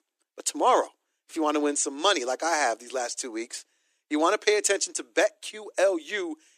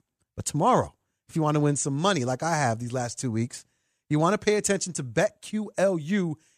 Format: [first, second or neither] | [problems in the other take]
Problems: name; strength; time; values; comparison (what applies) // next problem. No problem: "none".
second | thin; somewhat; fading below 300 Hz